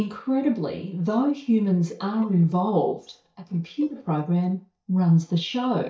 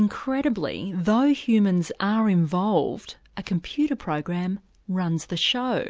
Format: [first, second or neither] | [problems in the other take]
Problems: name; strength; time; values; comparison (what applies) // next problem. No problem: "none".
second | noise reduction (neural mask model DeepFilterNet 3)